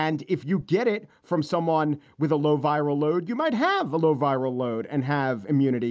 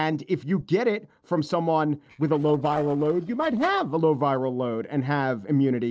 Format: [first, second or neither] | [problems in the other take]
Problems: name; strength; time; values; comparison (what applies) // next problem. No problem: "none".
first | noise reduction (neural separator model SepFormer DNS4)